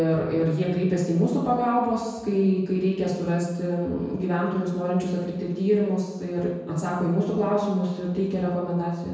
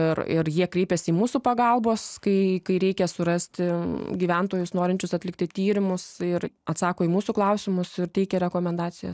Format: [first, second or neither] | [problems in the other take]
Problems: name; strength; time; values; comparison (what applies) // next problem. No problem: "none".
second | room echo; dies away in 1.2 s